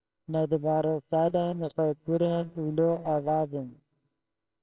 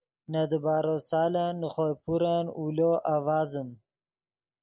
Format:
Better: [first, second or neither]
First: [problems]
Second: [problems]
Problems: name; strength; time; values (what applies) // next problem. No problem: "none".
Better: second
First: noise reduction (neural separator model SepFormer WHAMR!)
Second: none